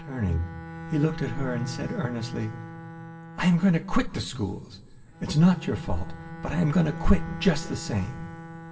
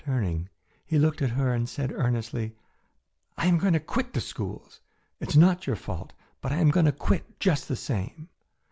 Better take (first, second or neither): second